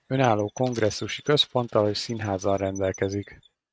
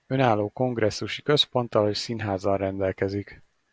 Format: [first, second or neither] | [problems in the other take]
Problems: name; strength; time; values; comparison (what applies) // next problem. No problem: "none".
second | noise reduction (neural mask model RNNoise)